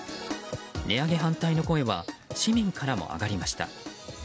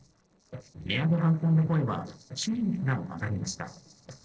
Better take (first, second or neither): first